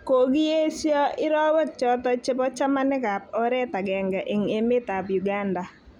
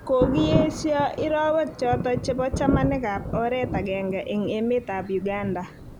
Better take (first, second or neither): first